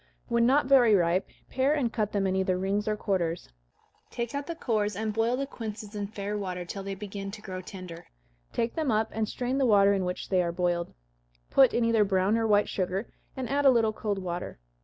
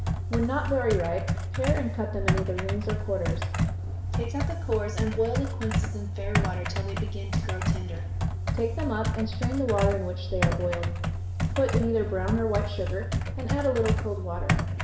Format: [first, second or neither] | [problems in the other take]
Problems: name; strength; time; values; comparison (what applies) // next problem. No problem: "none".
first | background sound (Computer keyboard); 3 dB above the speech // room echo; dies away in 0.8 s